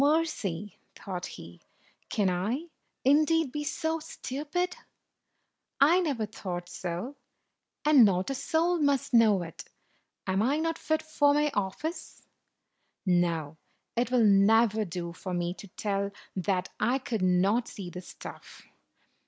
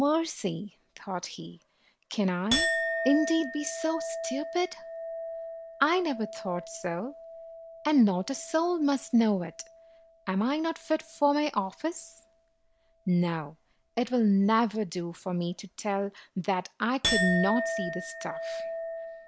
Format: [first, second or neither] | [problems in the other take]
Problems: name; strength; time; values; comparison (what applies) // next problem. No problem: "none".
first | background sound (Chink, clink); 8 dB below the speech